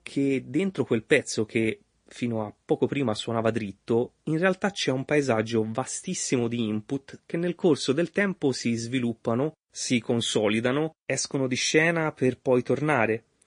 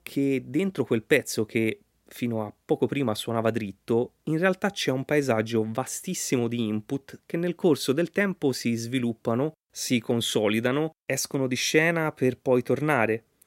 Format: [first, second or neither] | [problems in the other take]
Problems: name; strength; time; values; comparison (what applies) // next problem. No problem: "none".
second | garbled, watery; slightly; nothing above 10 kHz